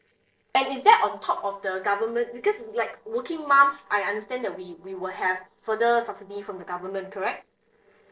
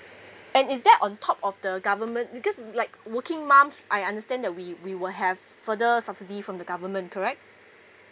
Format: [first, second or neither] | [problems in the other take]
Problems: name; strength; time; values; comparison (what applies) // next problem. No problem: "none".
second | noise reduction (neural separator model SepFormer DNS4)